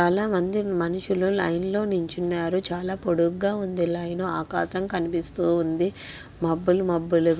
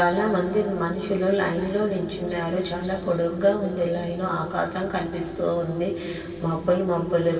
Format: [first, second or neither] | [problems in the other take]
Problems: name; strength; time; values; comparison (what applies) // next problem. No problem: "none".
first | room echo; dies away in 2.6 s